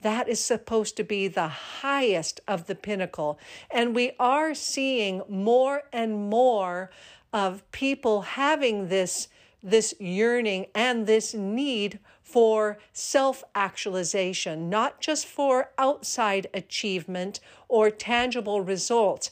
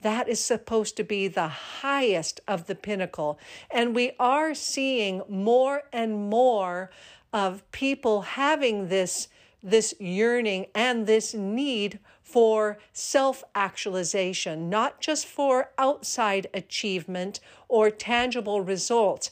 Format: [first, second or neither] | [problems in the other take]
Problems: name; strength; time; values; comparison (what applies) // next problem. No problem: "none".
neither | none